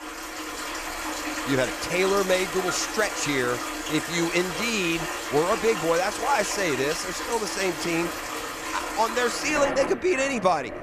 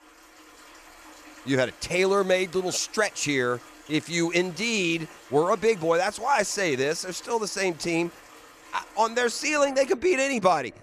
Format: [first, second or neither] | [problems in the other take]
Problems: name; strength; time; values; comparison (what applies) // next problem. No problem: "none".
second | rain or running water; loud; throughout; 5 dB below the speech; faint in the second